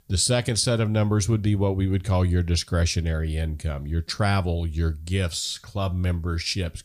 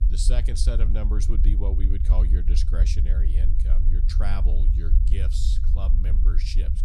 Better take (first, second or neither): first